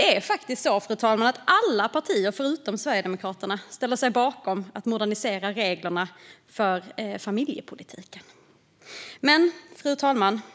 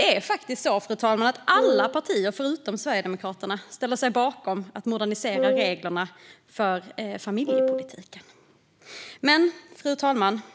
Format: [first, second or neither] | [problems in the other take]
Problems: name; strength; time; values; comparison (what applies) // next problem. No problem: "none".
first | background sound (Wind instrument, woodwind instrument); as loud as the speech